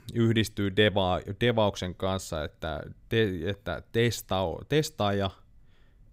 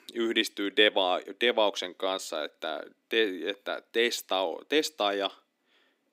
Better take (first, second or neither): first